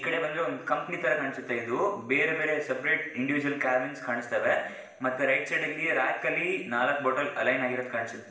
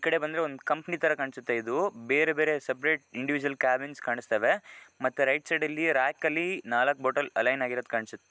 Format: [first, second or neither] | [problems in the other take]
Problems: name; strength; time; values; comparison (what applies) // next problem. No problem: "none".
second | room echo; dies away in 0.8 s